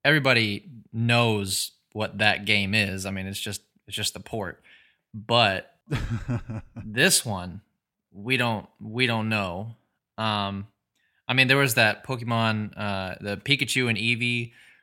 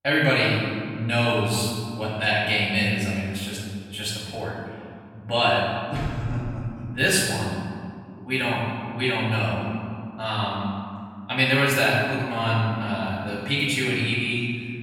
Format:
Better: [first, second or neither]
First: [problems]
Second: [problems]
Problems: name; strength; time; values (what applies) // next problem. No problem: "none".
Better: first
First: none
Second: room echo; strong; dies away in 2 s // off-mic speech; far